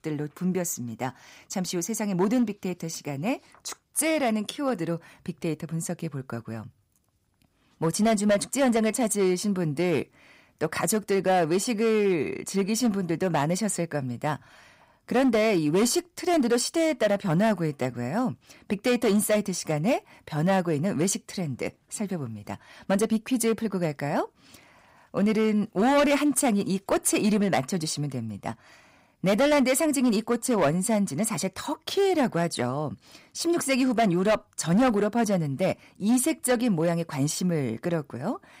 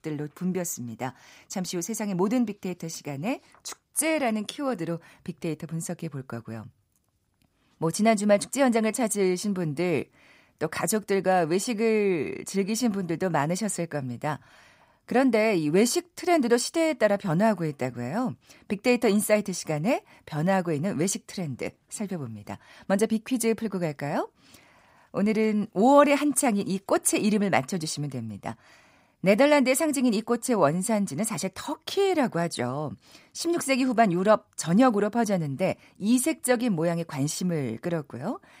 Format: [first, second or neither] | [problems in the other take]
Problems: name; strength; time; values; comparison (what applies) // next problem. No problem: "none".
second | distortion; slight; 5% of the sound clipped